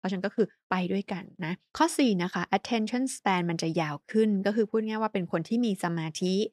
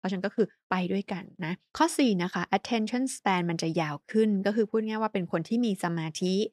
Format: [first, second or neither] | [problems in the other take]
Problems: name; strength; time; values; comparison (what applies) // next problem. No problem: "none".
neither | none